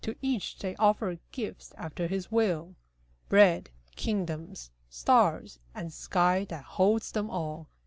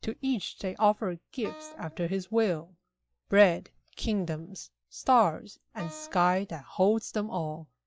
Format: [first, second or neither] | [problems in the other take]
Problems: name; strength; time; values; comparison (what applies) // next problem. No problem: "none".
first | noise reduction (classical method log-MMSE)